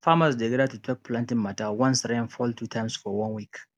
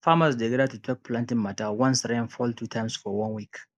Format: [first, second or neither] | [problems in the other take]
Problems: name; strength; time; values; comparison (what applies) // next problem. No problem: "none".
first | noise reduction (neural mask model Resemble Enhance denoiser)